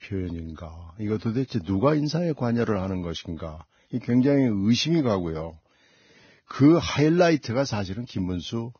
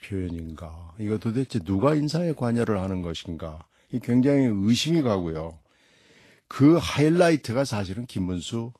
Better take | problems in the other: second | garbled, watery; badly; nothing above 6.5 kHz; slightly in the second

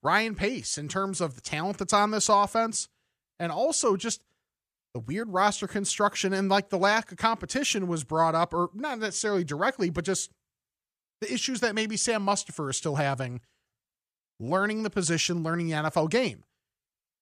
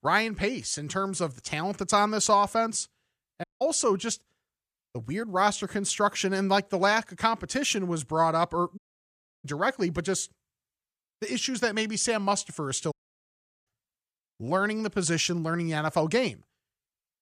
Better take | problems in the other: first | audio cutting out; at 3.5 s, at 9 s for 0.5 s and at 13 s for 0.5 s

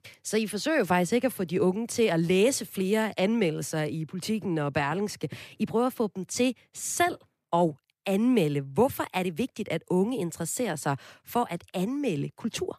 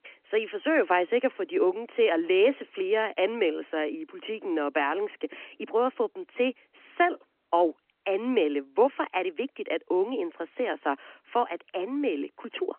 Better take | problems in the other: first | phone-call audio

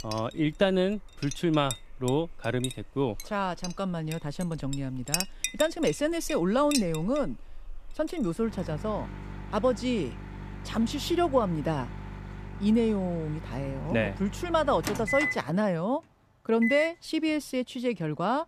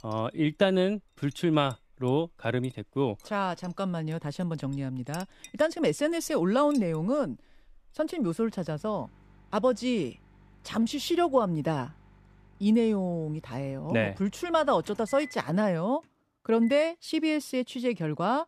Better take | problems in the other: second | household noises; loud; throughout; 8 dB below the speech; faint in the second

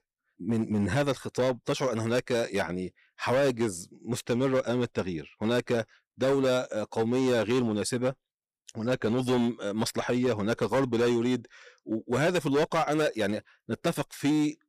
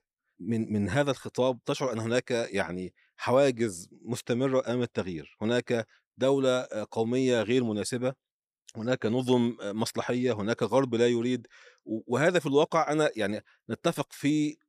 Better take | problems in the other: second | distortion; slight; 9% of the sound clipped

